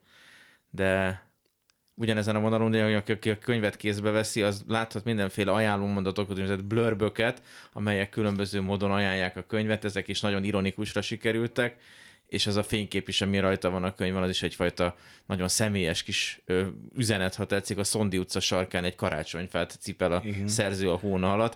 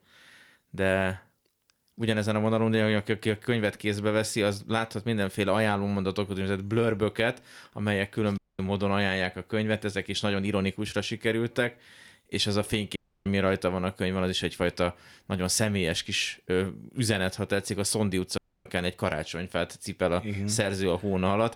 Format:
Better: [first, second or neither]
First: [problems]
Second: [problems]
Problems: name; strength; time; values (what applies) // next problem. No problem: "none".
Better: first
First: none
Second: audio cutting out; at 8.5 s, at 13 s and at 18 s